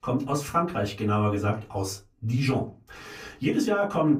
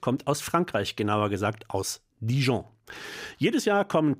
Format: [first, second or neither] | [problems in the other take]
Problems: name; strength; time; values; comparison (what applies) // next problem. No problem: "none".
second | off-mic speech; far // room echo; very slight; dies away in 0.2 s